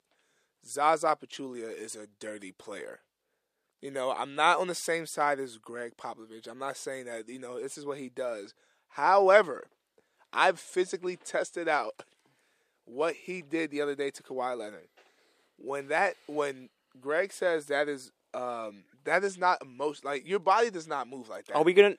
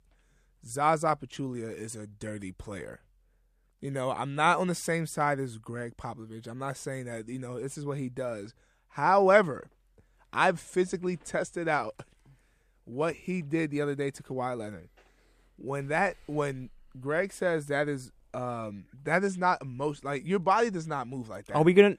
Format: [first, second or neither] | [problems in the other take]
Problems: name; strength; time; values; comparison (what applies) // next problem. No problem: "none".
second | thin; somewhat; fading below 400 Hz